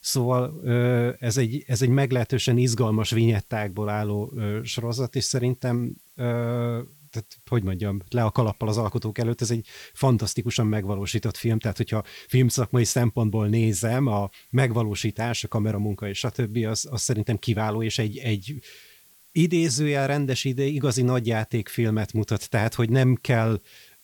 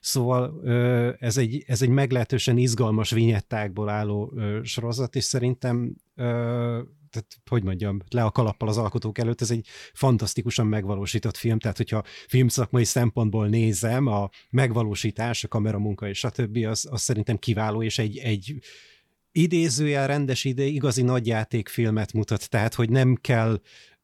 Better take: second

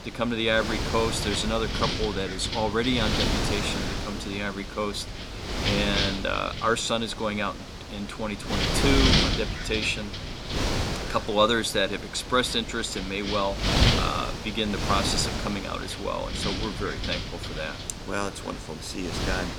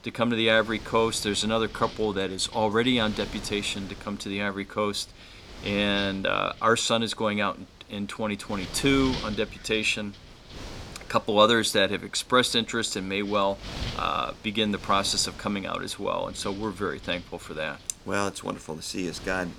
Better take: second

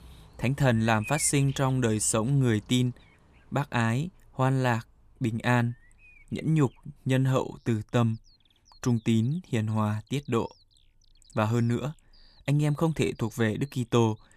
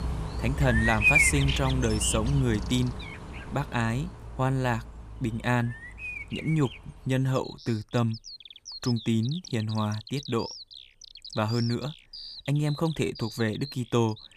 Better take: first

